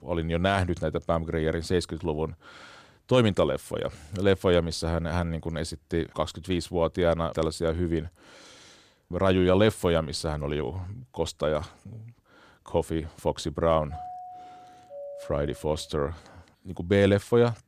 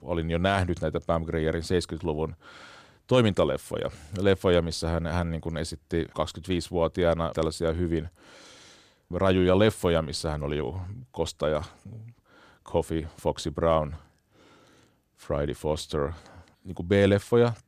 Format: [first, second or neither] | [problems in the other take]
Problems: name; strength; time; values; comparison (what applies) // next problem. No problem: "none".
second | doorbell; faint; from 14 to 16 s; peak 15 dB below the speech